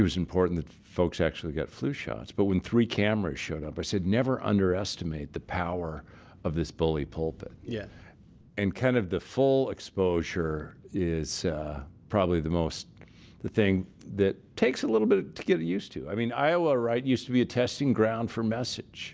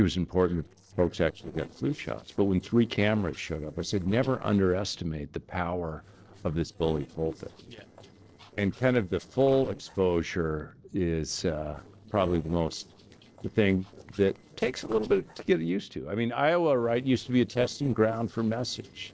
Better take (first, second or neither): first